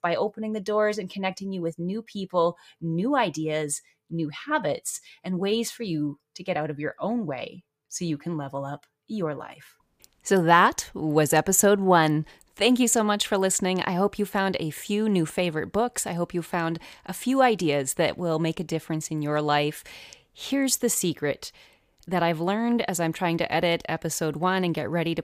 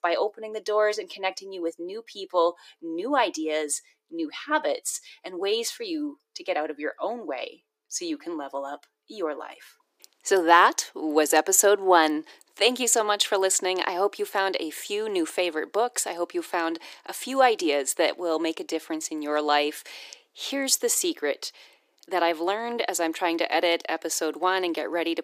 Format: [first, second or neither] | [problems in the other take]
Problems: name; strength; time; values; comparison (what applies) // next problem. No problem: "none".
first | thin; somewhat; fading below 300 Hz